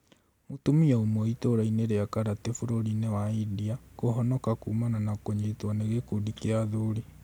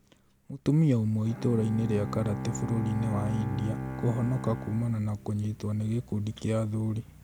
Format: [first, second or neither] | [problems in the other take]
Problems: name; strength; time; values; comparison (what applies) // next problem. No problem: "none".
first | background sound (Bowed string instrument); 9 dB below the speech